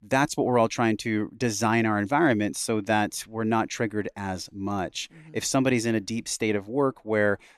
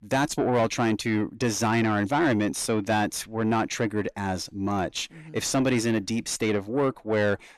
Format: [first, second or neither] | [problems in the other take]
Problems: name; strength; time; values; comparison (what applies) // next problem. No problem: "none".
first | distortion; slight; 10 dB below the speech